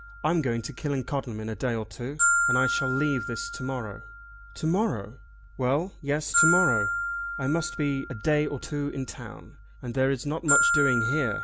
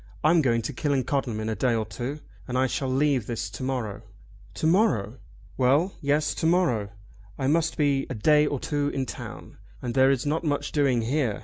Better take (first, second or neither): second